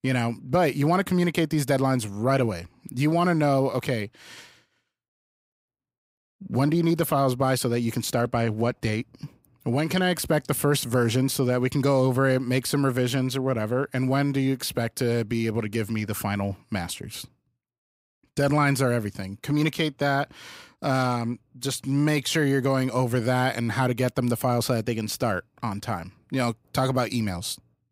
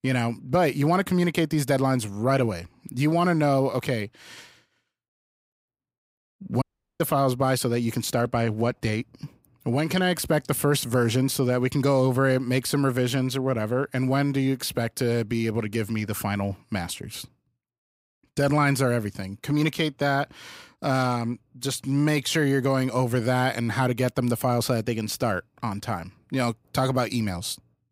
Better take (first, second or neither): first